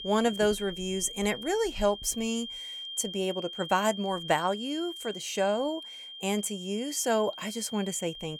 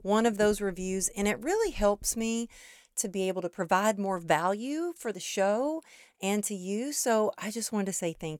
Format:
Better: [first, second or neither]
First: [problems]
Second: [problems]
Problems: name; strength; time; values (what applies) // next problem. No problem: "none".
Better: second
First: high-pitched whine; loud; throughout; 3 kHz, 9 dB below the speech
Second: none